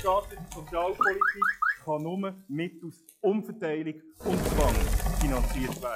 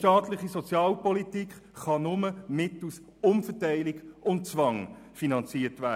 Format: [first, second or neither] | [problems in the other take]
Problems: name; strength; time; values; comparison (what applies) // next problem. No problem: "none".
second | noise reduction (classical method log-MMSE)